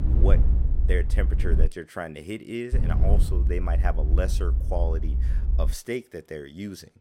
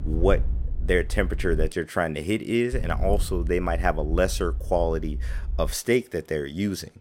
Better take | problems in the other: second | low rumble; loud; until 1.5 s and from 2.5 to 5.5 s; 8 dB below the speech; faint in the second

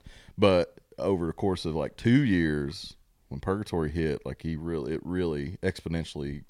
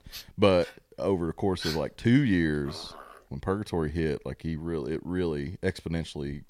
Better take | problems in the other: first | dog barking; noticeable; until 3 s; peak 7 dB below the speech

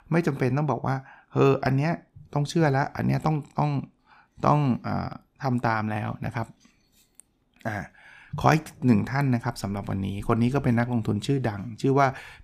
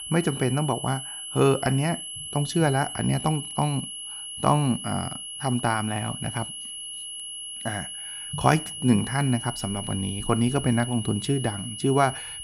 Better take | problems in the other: first | high-pitched whine; loud; throughout; 11 kHz, 8 dB below the speech

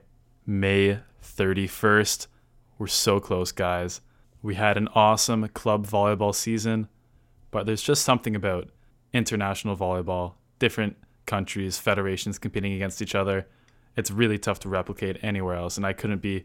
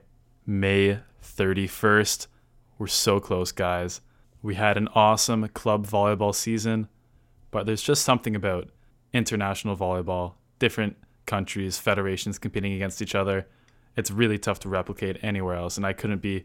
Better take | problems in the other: neither | none

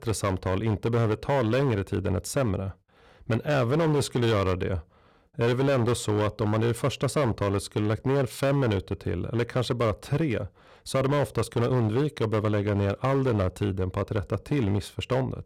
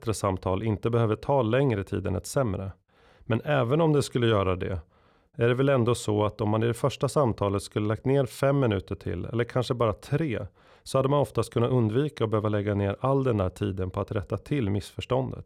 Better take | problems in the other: second | distortion; slight; 12% of the sound clipped

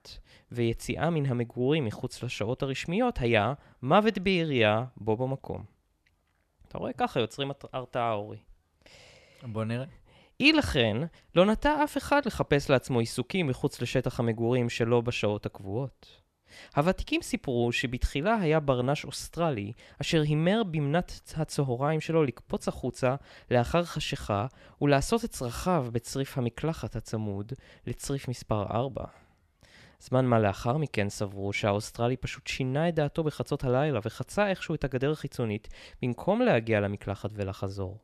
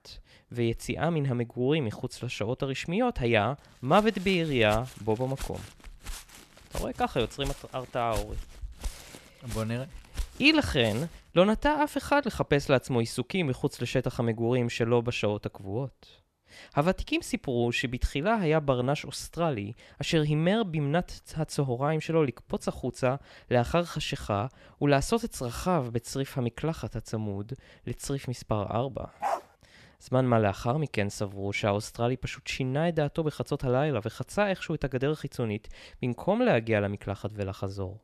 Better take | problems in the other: first | footsteps; faint; from 4 to 11 s; peak 10 dB below the speech // dog barking; noticeable; at 29 s; peak 4 dB below the speech

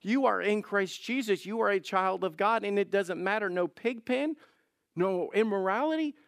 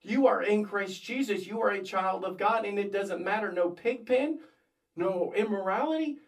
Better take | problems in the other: first | off-mic speech; far // room echo; very slight; dies away in 0.2 s

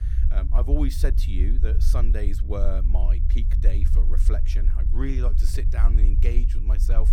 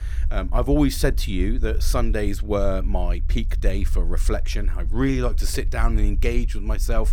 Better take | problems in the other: second | low rumble; loud; throughout; 7 dB below the speech; faint in the second

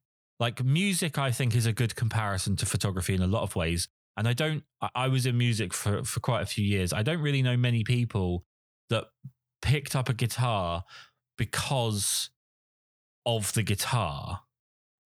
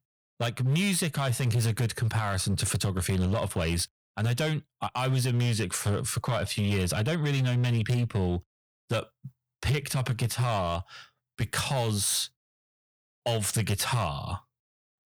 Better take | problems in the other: first | distortion; slight; 9% of the sound clipped

